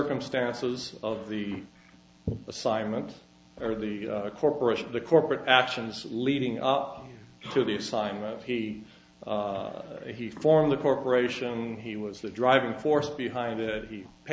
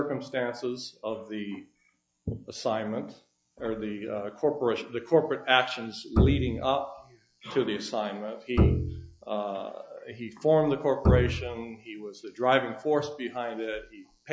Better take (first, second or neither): first